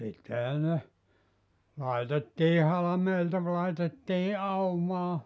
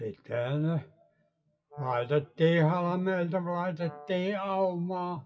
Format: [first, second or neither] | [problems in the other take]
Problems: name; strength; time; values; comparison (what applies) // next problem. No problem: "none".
first | noise reduction (classical method WPE with log-MMSE)